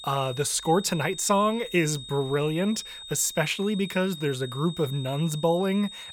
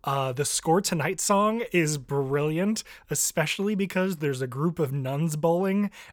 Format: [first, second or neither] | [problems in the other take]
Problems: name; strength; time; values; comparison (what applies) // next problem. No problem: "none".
second | high-pitched whine; noticeable; throughout; 3.5 kHz, 15 dB below the speech